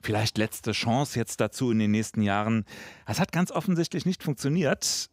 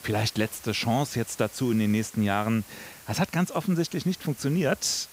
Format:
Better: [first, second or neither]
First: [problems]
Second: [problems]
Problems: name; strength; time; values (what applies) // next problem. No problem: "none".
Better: first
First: none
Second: hiss; noticeable; throughout; 20 dB below the speech